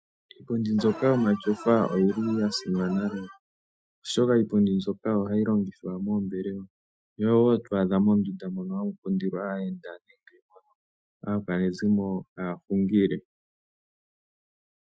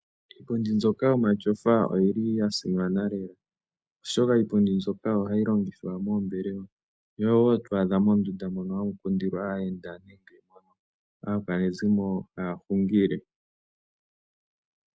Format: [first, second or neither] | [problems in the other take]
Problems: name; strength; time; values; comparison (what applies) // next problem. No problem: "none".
second | noise reduction (classical method Wiener filter)